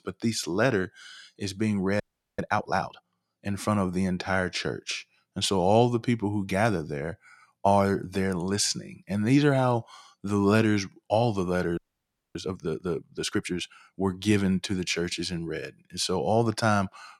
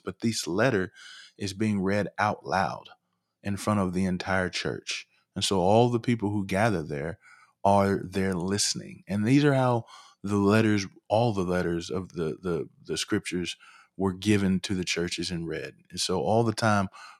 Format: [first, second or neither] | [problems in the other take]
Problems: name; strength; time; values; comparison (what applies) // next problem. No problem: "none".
second | audio freezing; at 2 s and at 12 s for 0.5 s